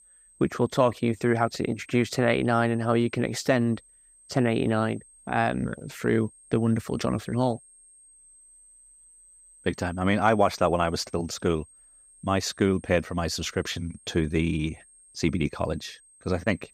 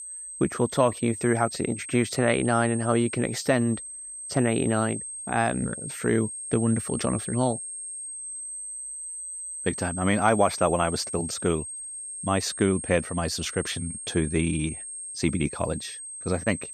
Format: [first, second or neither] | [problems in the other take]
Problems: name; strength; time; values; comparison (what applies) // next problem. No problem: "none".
first | high-pitched whine; loud; throughout; 8.5 kHz, 8 dB below the speech; faint in the first